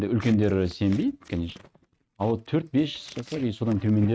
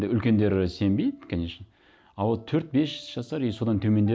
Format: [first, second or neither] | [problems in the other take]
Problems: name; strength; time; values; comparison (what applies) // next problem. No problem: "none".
second | noise reduction (neural mask model RNNoise)